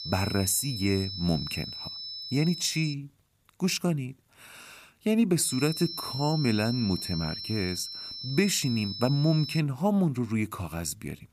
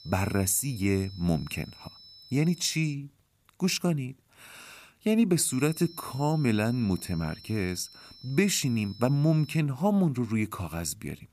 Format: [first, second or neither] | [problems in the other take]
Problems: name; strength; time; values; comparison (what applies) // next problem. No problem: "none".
second | high-pitched whine; loud; until 3 s and from 5.5 to 9.5 s; 5 kHz, 8 dB below the speech; faint in the second